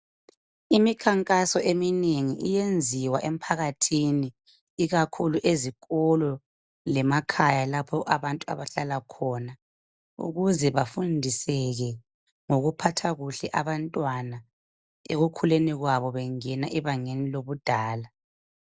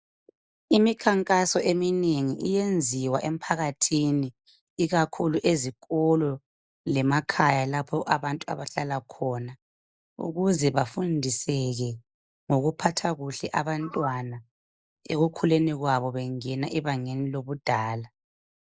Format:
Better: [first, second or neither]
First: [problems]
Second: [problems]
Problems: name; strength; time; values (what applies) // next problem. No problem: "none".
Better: first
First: none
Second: noise reduction (neural mask model Resemble Enhance denoiser)